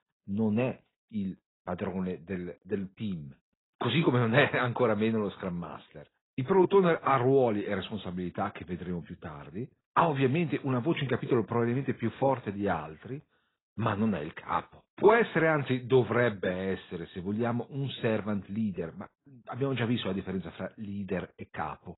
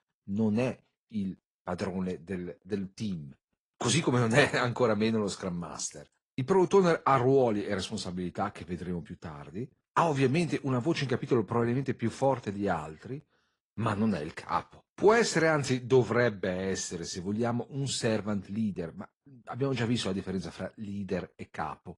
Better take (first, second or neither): second